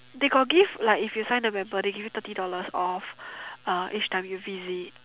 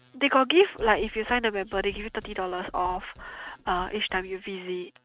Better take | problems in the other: first | noise reduction (neural mask model RNNoise)

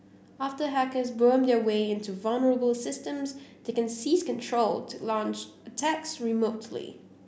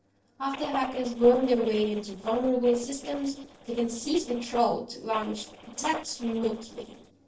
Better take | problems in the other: first | noise reduction (neural separator model SepFormer DNS4)

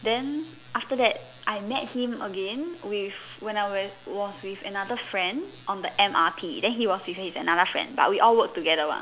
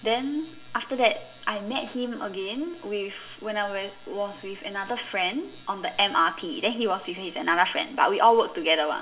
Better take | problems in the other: first | room echo; dies away in 0.5 s

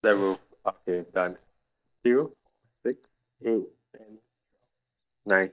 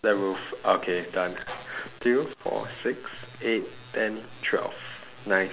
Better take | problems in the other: second | noise reduction (neural mask model DeepFilterNet 3)

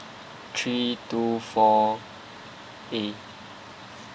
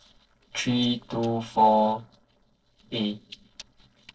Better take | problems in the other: first | noise reduction (neural separator model SepFormer DNS4)

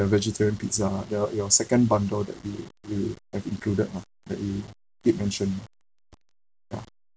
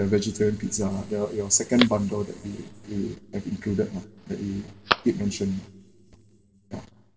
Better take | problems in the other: first | background sound (Telephone); 10 dB below the speech // room echo; dies away in 1.9 s

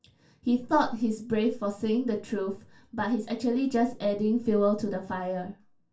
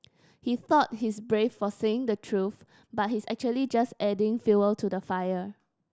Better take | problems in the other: second | room echo; dies away in 0.2 s

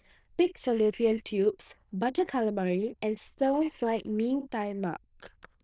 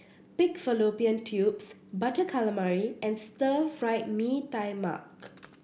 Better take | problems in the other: second | noise reduction (neural diffusion model UNIVERSE++)

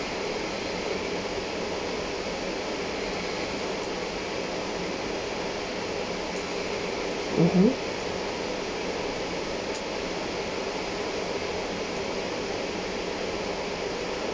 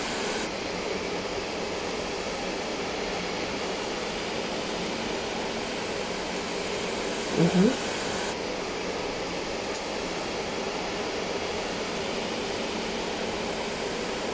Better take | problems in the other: first | background sound (Hiss); 7 dB below the speech

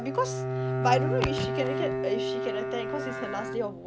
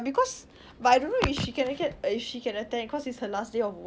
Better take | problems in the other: second | background sound (Bowed string instrument); 1 dB above the speech

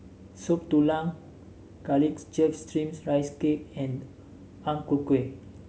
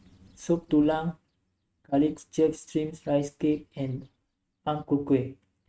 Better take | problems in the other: first | noise reduction (neural mask model RNNoise)

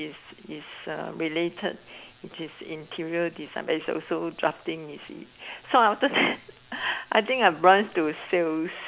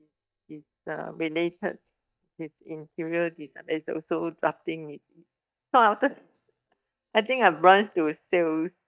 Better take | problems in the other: first | noise reduction (neural mask model DeepFilterNet 3)

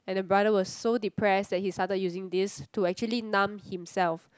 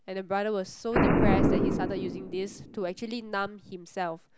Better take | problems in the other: first | background sound (Boom); 4 dB above the speech

